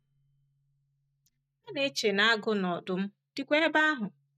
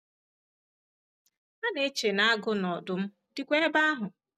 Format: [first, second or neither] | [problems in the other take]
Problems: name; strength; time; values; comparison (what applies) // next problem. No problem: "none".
second | noise reduction (neural mask model DeepFilterNet 3)